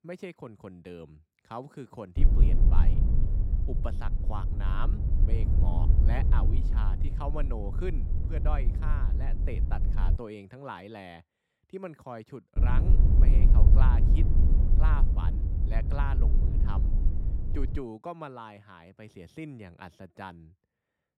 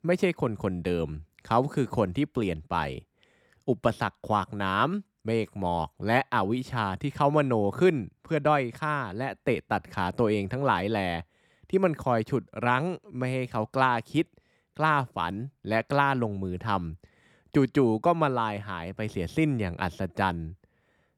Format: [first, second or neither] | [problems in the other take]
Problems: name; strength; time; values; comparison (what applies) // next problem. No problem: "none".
second | wind noise on the microphone; heavy; from 2 to 10 s and from 13 to 18 s; 3 dB below the speech